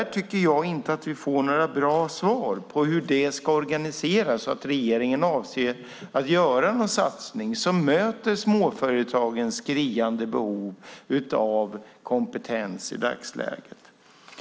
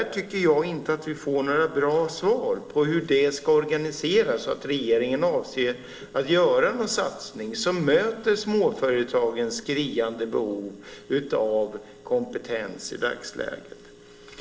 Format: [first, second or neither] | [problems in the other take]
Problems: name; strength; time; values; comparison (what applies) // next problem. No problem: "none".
first | noise reduction (neural separator model SepFormer DNS4)